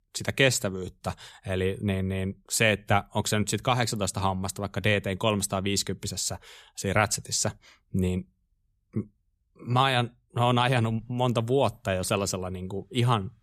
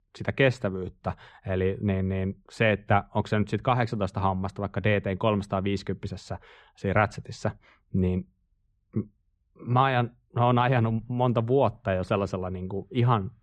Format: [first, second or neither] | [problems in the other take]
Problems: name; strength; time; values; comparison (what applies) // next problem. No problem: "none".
first | muffled; very; fading above 2 kHz